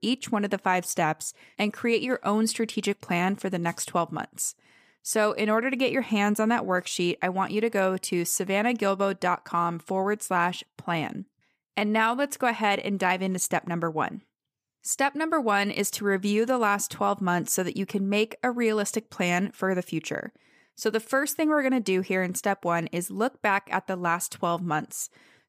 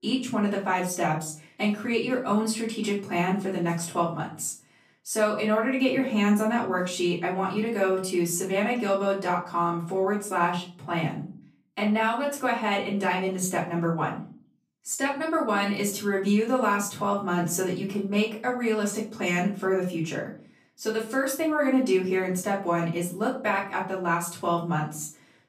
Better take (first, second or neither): first